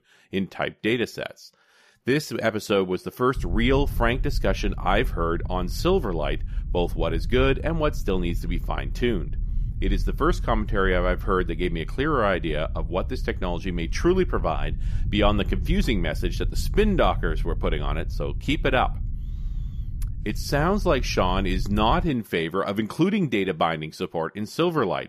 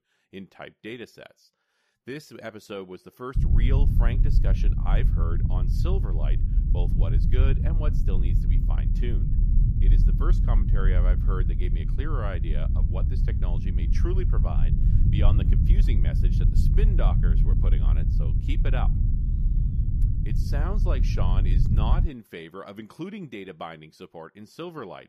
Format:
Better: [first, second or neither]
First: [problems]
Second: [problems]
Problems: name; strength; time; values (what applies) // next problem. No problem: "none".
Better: first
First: low rumble; faint; from 3.5 to 22 s; 25 dB below the speech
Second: low rumble; loud; from 3.5 to 22 s; 2 dB below the speech